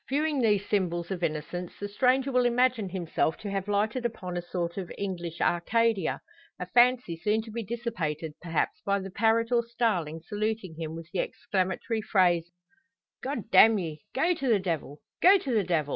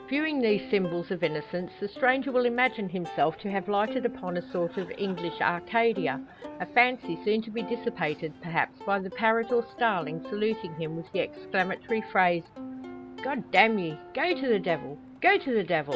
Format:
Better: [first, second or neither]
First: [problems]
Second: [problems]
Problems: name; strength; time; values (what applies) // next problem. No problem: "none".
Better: first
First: none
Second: background sound (Plucked string instrument); 14 dB below the speech